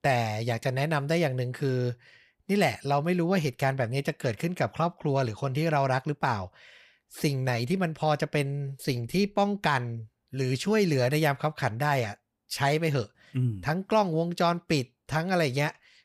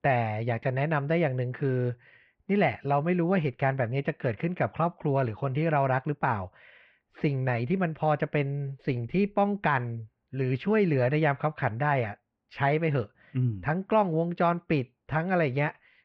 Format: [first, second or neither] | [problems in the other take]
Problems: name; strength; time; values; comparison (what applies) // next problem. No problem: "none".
first | muffled; very; fading above 2.5 kHz